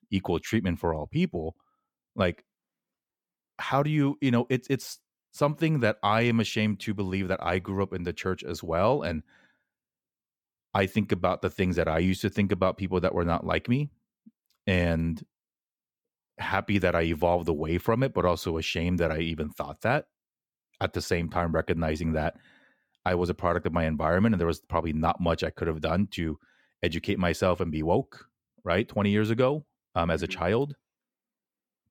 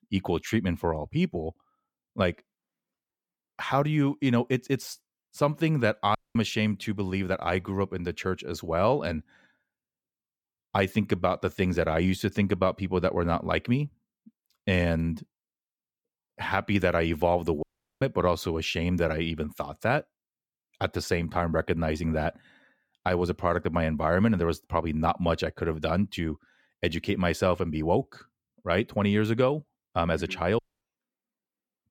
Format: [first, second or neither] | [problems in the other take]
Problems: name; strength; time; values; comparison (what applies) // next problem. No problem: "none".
first | audio cutting out; at 6 s, at 18 s and at 31 s